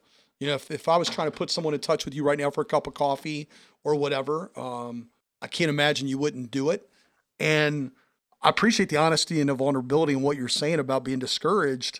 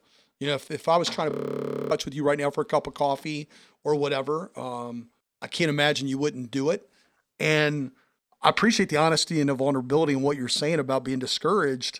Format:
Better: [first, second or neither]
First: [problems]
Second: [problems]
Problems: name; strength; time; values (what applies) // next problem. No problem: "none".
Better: first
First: none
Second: audio freezing; at 1.5 s for 0.5 s